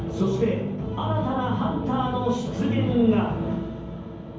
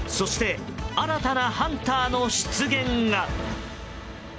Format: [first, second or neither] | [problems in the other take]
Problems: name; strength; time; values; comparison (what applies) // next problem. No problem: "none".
second | room echo; dies away in 0.9 s